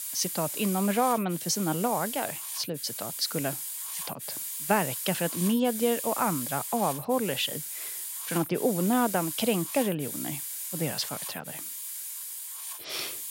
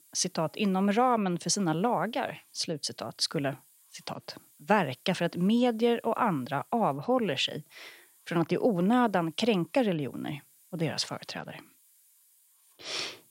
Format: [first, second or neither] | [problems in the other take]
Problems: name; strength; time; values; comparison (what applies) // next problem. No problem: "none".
second | hiss; loud; throughout; 4 dB below the speech; faint in the second